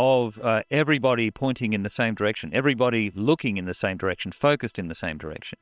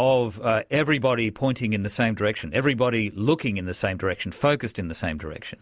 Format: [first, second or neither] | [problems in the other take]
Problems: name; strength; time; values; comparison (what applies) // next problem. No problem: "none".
second | noise reduction (neural separator model SepFormer WHAM!)